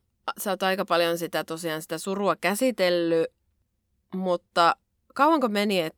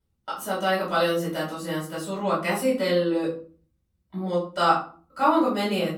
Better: first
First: none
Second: off-mic speech; far // room echo; slight; dies away in 0.4 s

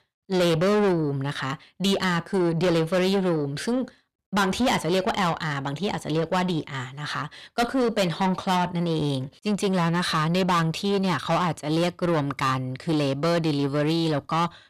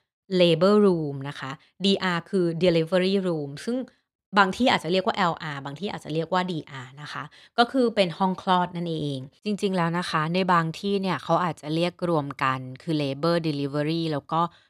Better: second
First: distortion; heavy; 7 dB below the speech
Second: none

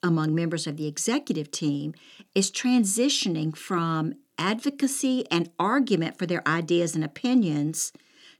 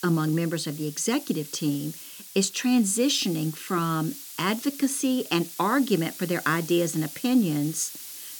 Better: first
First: none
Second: hiss; noticeable; throughout; 15 dB below the speech

